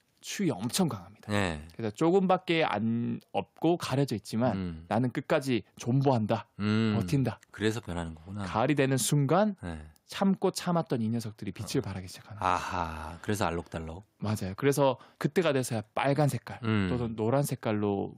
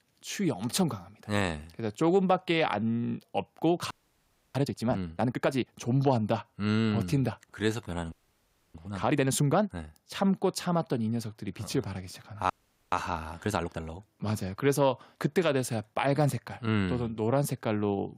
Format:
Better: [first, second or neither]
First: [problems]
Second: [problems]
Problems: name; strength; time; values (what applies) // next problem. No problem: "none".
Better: first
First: none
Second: audio freezing; at 4 s for 0.5 s, at 8 s for 0.5 s and at 13 s